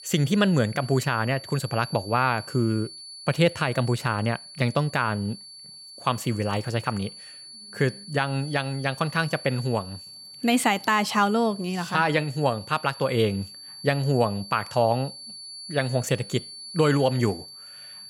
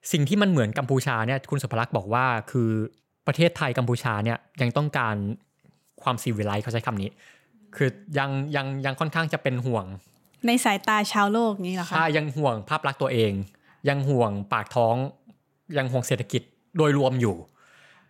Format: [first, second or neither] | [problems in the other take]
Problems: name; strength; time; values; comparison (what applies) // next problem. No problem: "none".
second | high-pitched whine; noticeable; throughout; 4.5 kHz, 15 dB below the speech